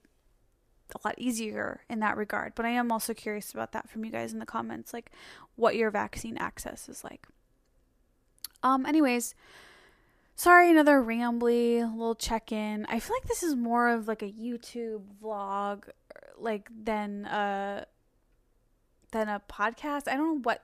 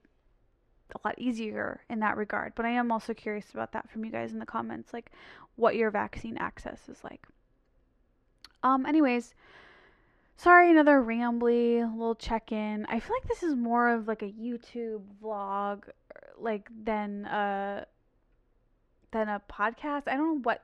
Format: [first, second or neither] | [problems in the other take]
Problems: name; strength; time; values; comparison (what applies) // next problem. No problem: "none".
first | muffled; slightly; fading above 3 kHz